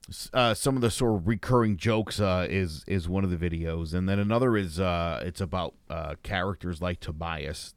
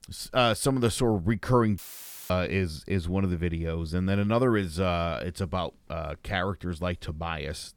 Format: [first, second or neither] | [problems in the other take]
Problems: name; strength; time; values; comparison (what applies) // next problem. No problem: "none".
first | audio cutting out; filled with static; at 2 s for 0.5 s